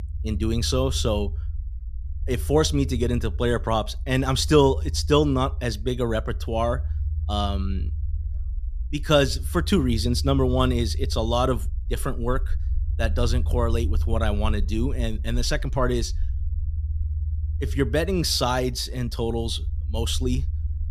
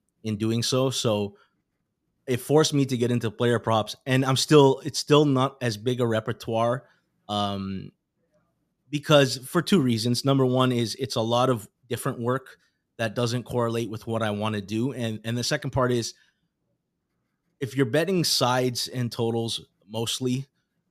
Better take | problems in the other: second | low rumble; faint; throughout; 20 dB below the speech

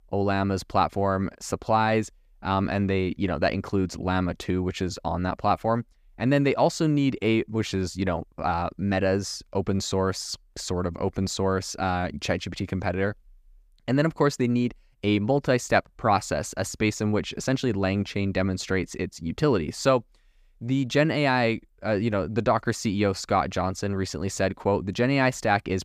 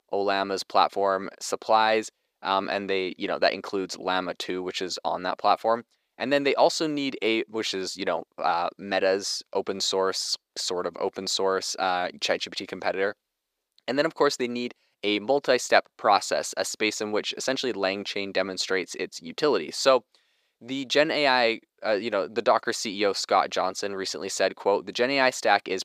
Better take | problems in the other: first | thin; somewhat; fading below 450 Hz

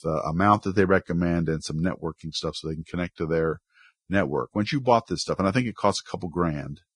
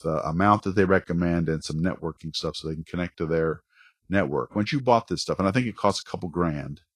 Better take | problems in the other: second | garbled, watery; badly; slightly in the second

